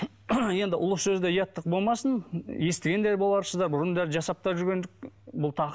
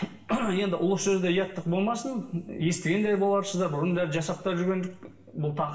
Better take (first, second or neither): first